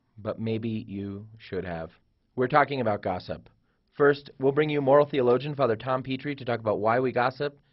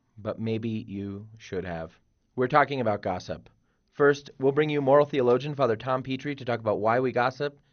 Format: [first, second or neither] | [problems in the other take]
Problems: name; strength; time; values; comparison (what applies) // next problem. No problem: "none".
second | garbled, watery; badly; nothing above 5.5 kHz; slightly in the second